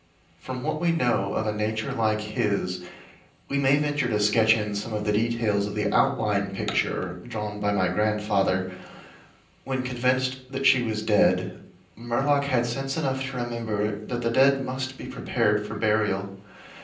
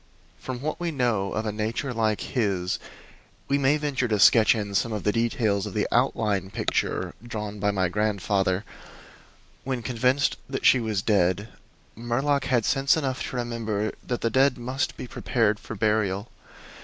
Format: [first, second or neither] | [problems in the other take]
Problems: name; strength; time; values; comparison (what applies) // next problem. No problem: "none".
second | room echo; dies away in 0.6 s